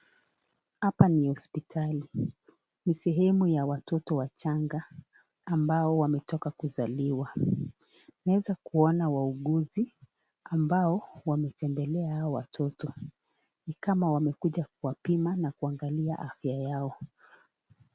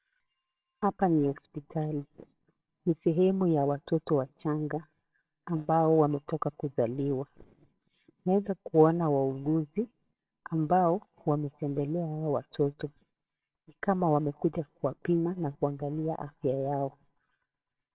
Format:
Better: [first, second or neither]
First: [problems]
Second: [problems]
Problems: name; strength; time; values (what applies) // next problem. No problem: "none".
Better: first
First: none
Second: noise reduction (neural separator model SepFormer WHAMR!)